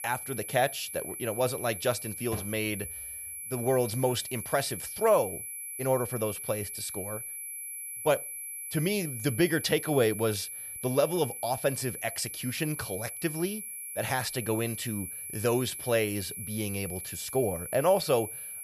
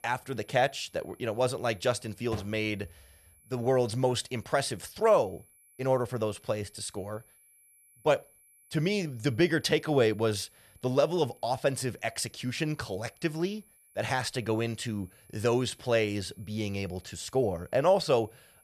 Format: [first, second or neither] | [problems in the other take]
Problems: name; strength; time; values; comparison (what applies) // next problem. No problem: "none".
second | high-pitched whine; loud; throughout; 11 kHz, 6 dB below the speech; faint in the second